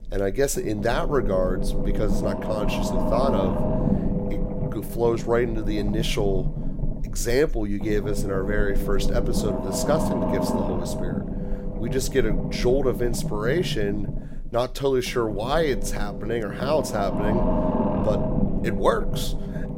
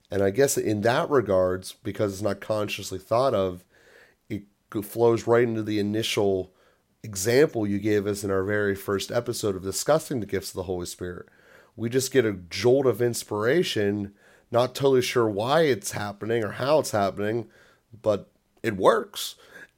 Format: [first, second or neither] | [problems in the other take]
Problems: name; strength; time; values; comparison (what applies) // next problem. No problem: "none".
second | low rumble; loud; throughout; 5 dB below the speech